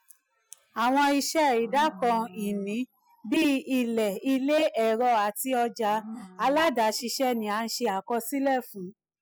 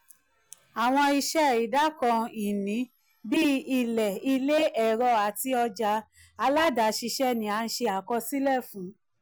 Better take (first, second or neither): second